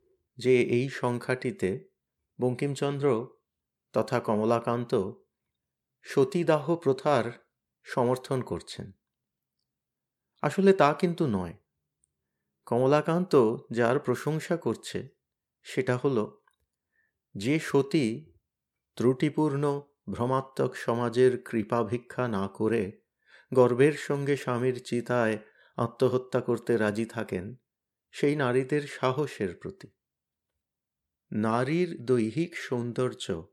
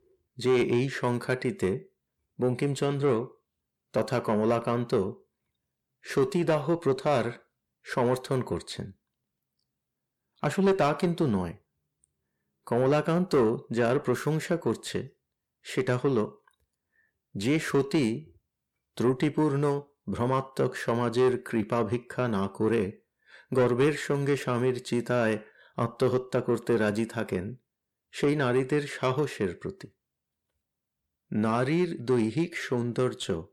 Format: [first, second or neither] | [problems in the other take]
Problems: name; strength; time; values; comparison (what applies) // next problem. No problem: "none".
first | distortion; slight; 10 dB below the speech